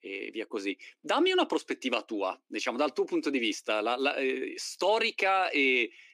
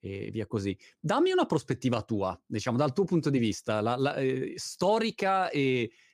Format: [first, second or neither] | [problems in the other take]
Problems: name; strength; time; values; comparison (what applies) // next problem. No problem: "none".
second | thin; very slightly; fading below 300 Hz